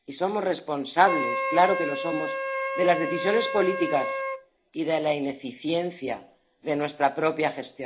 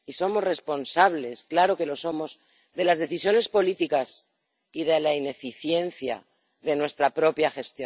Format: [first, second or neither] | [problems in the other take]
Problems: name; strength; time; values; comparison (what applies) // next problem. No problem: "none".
second | background sound (Wind instrument, woodwind instrument); 6 dB below the speech // room echo; dies away in 0.4 s